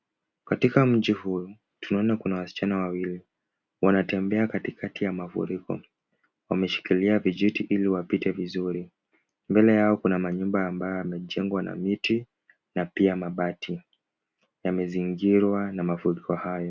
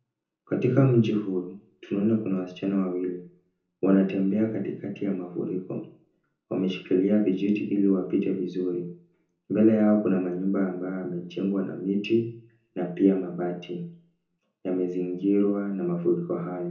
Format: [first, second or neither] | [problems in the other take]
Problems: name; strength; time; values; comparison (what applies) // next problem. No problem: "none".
first | room echo; dies away in 0.6 s